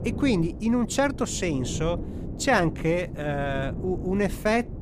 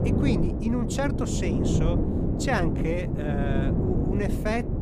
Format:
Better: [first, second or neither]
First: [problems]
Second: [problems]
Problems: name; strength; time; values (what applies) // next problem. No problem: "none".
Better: first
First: wind noise on the microphone; occasional gusts; 15 dB below the speech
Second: wind noise on the microphone; heavy; 2 dB below the speech